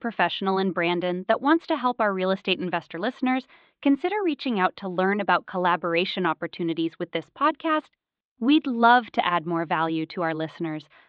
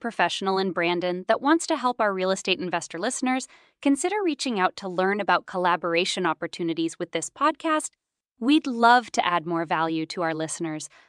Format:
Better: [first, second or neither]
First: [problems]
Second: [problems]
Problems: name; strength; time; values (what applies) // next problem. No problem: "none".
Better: second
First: muffled; slightly; fading above 3.5 kHz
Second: none